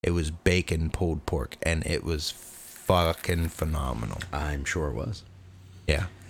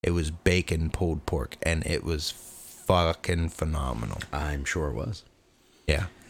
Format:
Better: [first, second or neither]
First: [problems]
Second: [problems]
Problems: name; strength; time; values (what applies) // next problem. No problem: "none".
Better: second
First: traffic noise; noticeable; from 2.5 s on; 20 dB below the speech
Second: none